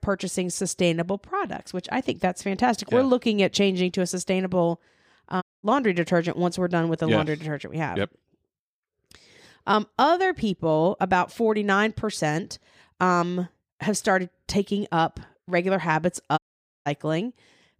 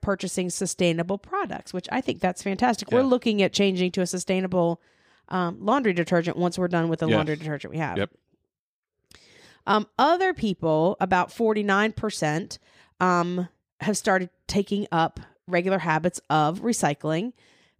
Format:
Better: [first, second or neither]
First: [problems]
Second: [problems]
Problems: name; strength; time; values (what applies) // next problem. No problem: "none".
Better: second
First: audio cutting out; at 5.5 s and at 16 s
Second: none